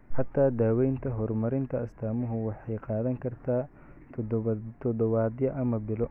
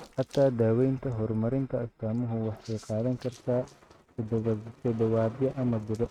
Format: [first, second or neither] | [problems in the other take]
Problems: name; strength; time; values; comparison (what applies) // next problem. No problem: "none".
first | noise reduction (neural mask model RNNoise)